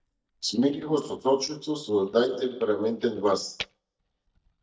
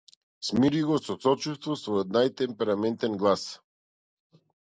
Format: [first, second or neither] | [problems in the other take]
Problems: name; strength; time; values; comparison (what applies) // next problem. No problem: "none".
second | noise reduction (neural mask model DeepFilterNet 3)